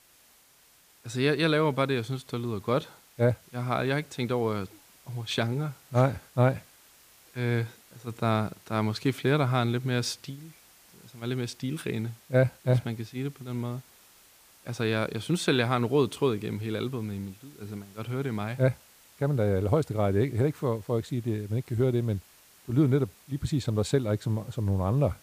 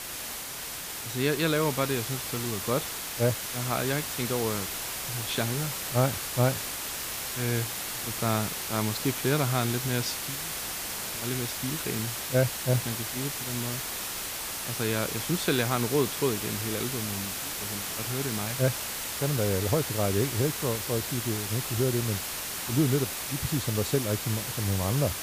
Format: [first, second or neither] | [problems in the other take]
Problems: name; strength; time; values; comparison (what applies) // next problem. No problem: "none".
first | hiss; loud; throughout; 2 dB below the speech; faint in the first